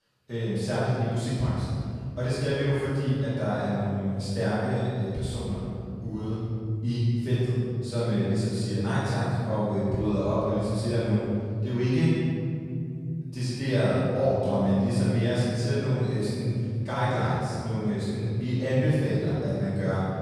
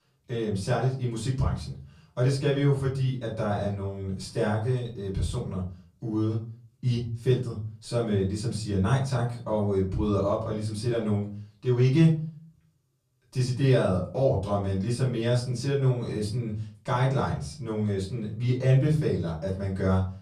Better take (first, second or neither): second